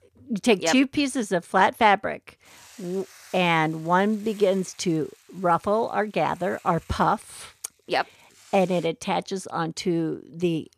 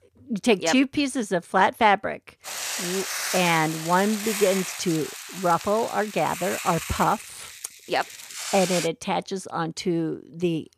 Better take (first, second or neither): first